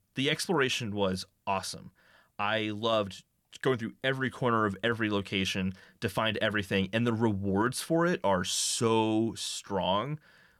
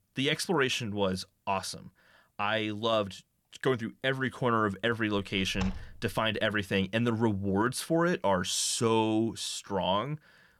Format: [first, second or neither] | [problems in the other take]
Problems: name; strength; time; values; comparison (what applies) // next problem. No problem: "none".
first | door banging; noticeable; from 5 to 6 s; peak 10 dB below the speech